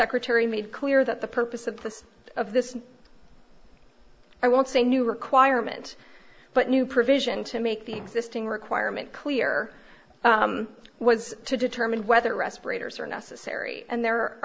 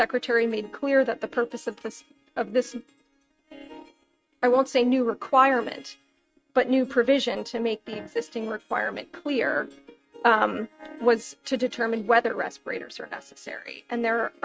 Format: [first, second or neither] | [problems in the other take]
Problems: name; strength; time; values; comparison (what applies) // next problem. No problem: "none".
first | noise reduction (neural mask model RNNoise)